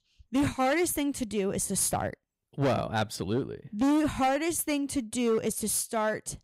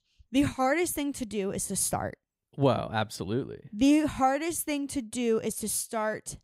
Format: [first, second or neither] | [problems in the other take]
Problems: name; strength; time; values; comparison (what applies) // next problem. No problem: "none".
second | distortion; slight; 8% of the sound clipped